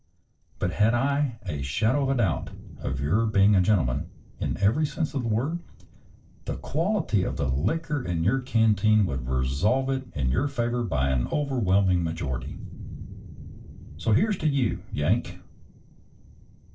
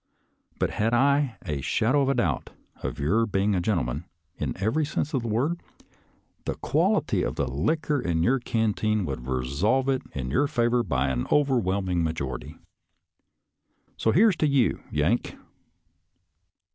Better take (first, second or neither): second